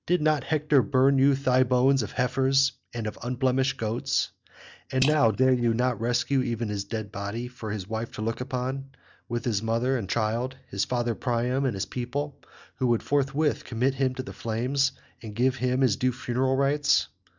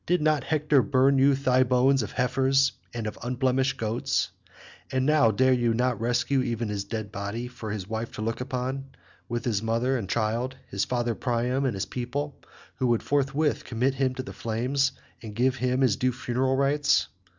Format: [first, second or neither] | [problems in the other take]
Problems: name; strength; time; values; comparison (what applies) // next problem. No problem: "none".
second | noise reduction (neural mask model DeepFilterNet 3)